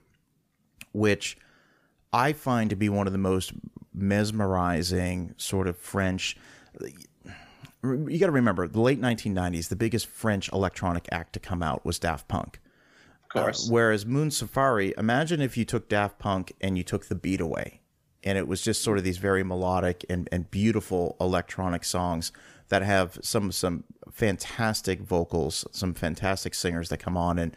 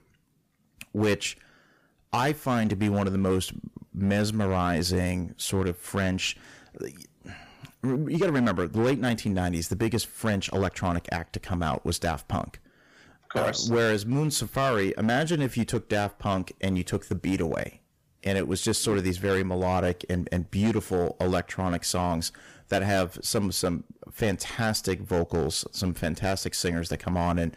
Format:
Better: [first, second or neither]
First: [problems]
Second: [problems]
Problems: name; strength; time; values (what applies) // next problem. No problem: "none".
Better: first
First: none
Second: distortion; slight; 6% of the sound clipped